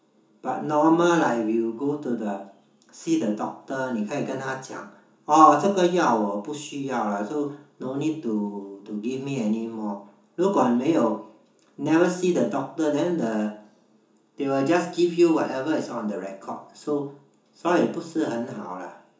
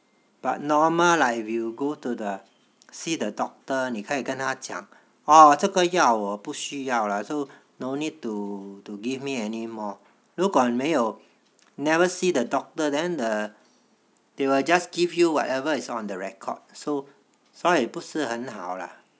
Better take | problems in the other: second | room echo; dies away in 0.7 s

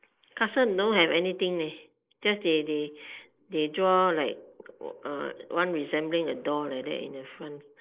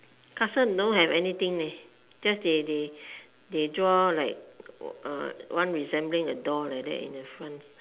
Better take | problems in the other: second | noise reduction (neural mask model Resemble Enhance denoiser)

